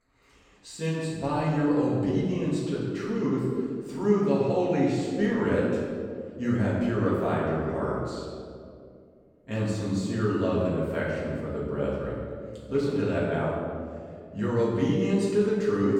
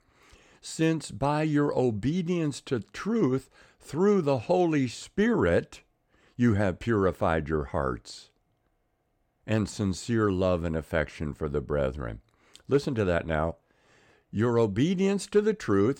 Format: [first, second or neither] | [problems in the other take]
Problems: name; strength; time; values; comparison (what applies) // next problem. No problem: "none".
second | off-mic speech; far // room echo; strong; dies away in 1.8 s